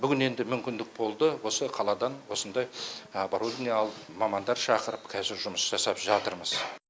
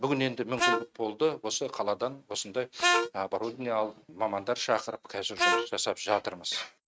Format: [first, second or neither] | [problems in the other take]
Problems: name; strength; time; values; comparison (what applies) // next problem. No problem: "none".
first | noise reduction (neural mask model RNNoise)